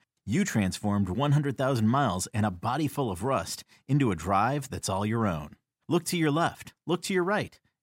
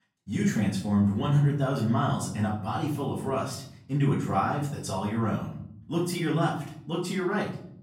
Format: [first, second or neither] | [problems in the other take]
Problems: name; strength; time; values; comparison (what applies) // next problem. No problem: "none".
first | off-mic speech; far // room echo; slight; dies away in 0.6 s